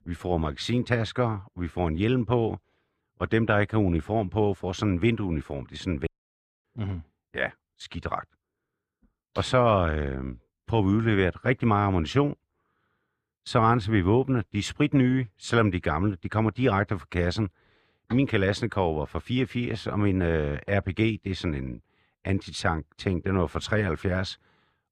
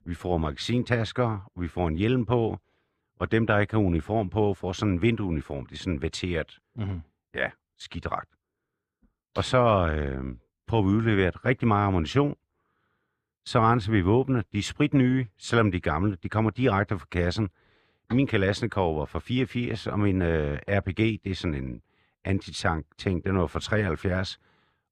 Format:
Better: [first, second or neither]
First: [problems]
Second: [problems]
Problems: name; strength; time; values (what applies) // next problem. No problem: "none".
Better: second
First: audio cutting out; at 6 s for 0.5 s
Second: none